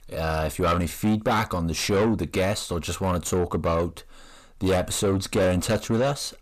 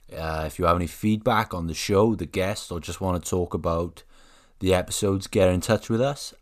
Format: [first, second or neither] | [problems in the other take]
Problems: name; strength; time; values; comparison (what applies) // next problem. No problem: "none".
second | distortion; heavy; 7 dB below the speech